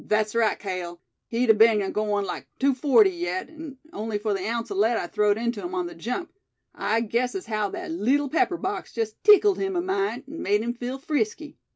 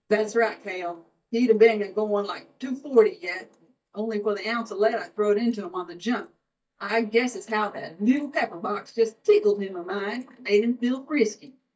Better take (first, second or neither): first